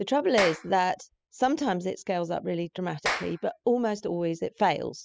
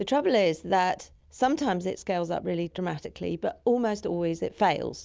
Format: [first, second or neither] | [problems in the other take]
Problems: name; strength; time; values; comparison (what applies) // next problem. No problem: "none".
second | noise reduction (classical method spectral subtraction)